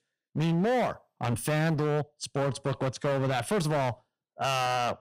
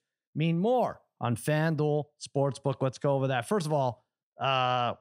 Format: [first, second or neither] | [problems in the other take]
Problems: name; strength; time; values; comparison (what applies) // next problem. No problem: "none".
second | distortion; heavy; 25% of the sound clipped